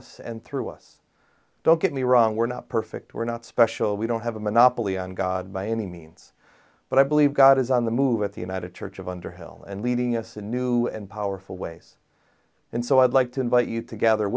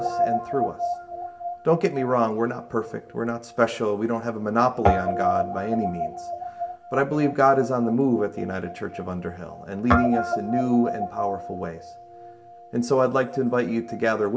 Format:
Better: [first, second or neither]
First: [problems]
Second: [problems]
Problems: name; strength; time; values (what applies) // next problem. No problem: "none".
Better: first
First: none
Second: background sound (Guitar); 5 dB below the speech // room echo; dies away in 0.7 s